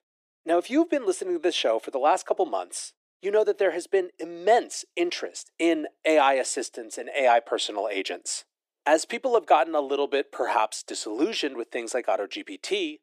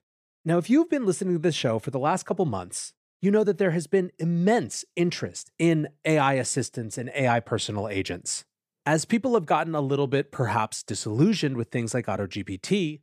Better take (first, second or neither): second